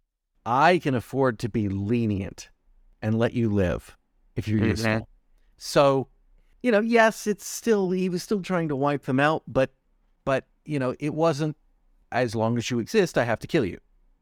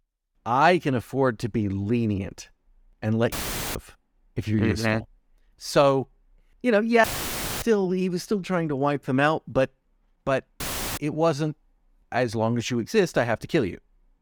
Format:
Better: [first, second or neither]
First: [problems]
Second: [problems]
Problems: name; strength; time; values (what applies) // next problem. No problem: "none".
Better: first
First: none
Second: audio cutting out; filled with static; at 3.5 s, at 7 s for 0.5 s and at 11 s